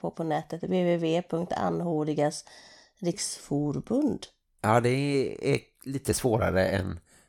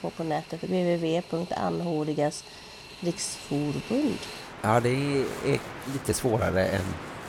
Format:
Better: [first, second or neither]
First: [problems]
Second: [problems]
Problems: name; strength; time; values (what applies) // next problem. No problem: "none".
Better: first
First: none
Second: train or aircraft noise; noticeable; throughout; 10 dB below the speech